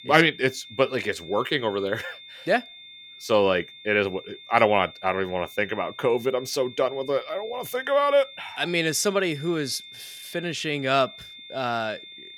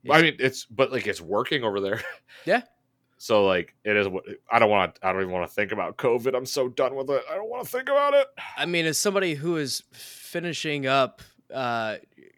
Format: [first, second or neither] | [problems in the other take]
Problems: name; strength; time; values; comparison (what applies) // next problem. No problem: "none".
second | high-pitched whine; noticeable; throughout; 3.5 kHz, 15 dB below the speech